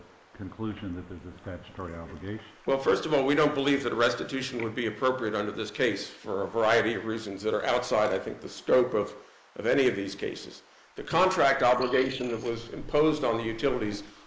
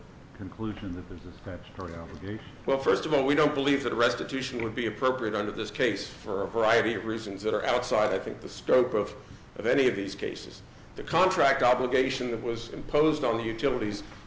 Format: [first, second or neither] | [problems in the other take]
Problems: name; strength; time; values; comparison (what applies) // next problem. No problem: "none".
second | noise reduction (neural mask model Resemble Enhance denoiser)